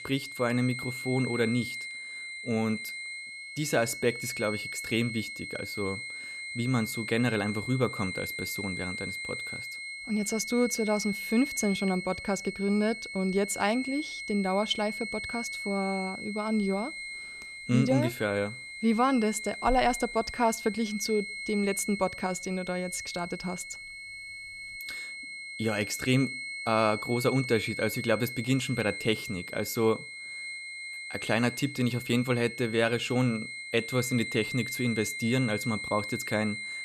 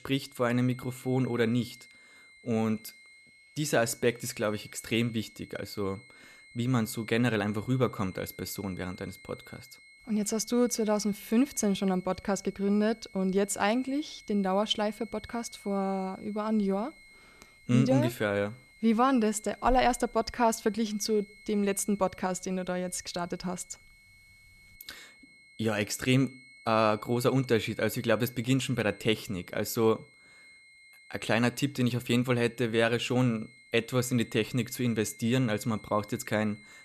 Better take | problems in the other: second | high-pitched whine; loud; throughout; 2 kHz, 7 dB below the speech; faint in the second

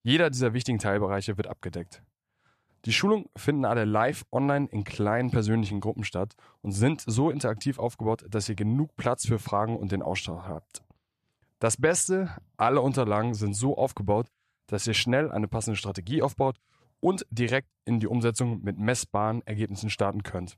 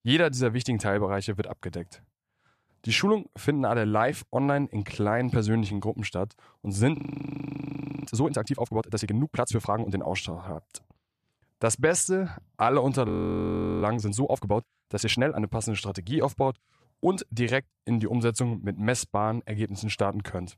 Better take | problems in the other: first | audio freezing; at 7 s for 1 s and at 13 s for 0.5 s

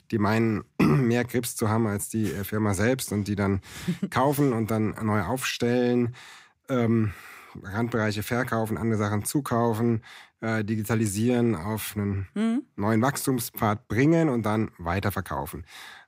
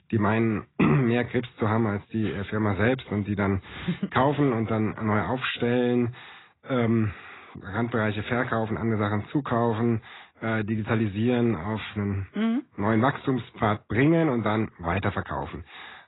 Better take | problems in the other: first | garbled, watery; badly; nothing above 4 kHz

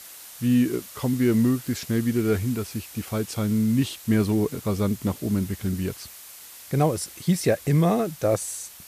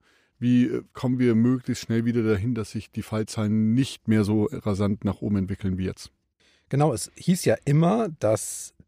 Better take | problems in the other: second | hiss; noticeable; throughout; 15 dB below the speech

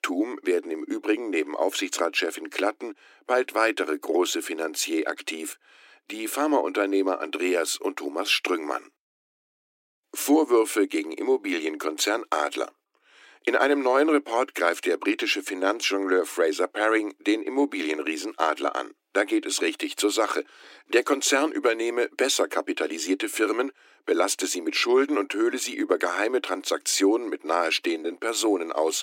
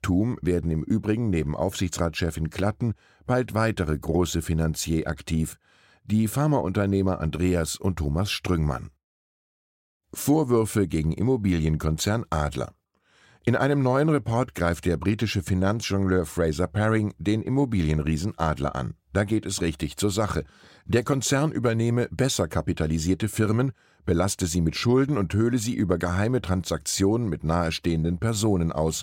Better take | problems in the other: second | thin; somewhat; fading below 300 Hz

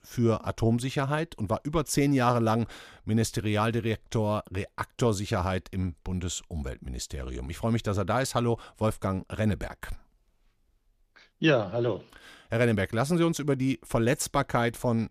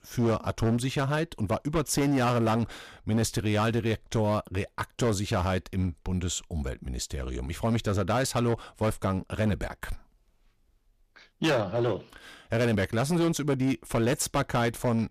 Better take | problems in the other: first | distortion; slight; 10% of the sound clipped

